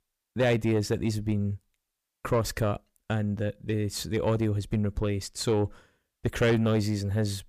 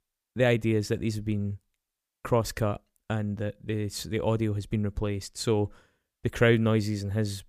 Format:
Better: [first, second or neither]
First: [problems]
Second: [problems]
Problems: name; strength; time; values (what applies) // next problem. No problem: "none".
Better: second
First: distortion; slight; 10 dB below the speech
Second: none